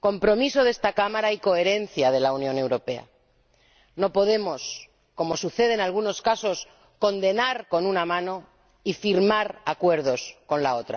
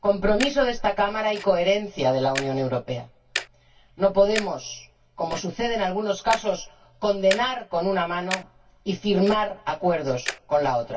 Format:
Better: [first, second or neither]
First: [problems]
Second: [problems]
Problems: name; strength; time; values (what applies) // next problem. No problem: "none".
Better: first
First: none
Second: background sound (Tick-tock); 14 dB below the speech // room echo; dies away in 0.1 s